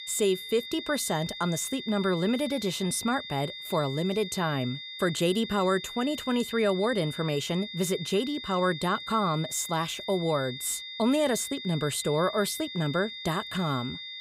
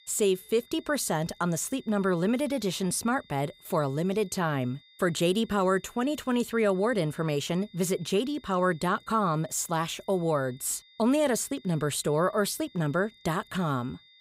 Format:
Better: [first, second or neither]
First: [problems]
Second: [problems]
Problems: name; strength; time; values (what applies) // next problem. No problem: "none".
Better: second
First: high-pitched whine; loud; throughout; 3.5 kHz, 9 dB below the speech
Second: high-pitched whine; faint; throughout; 3.5 kHz, 25 dB below the speech